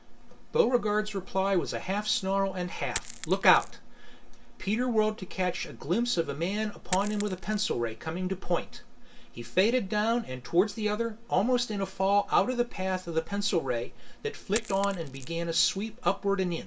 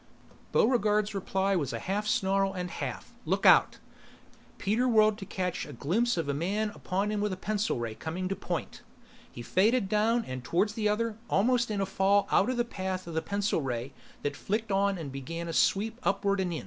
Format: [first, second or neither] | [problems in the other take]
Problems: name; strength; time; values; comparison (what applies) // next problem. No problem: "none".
second | background sound (Coin (dropping)); 17 dB below the speech // room echo; dies away in 0.2 s